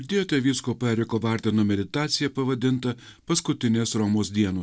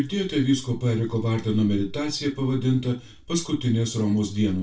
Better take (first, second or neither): first